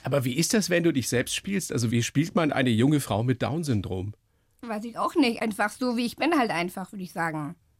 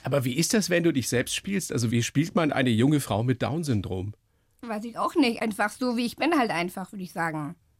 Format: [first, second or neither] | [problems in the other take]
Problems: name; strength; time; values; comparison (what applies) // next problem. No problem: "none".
neither | none